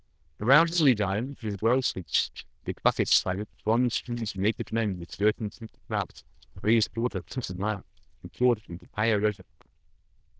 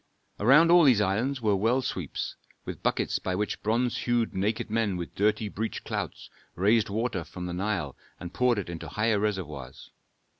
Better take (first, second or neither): second